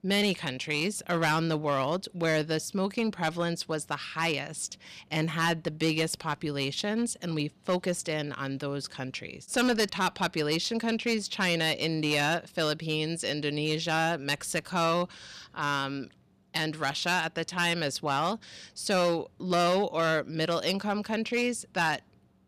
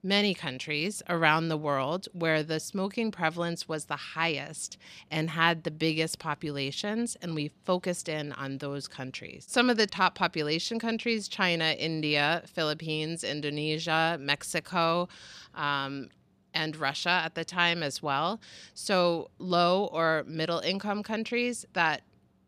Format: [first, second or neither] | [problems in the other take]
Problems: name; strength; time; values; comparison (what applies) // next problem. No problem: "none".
second | distortion; slight; 5% of the sound clipped